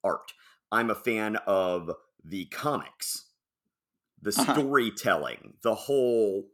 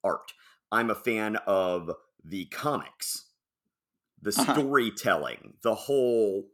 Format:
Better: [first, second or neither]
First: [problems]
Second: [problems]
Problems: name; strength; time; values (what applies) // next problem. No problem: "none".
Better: neither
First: none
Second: none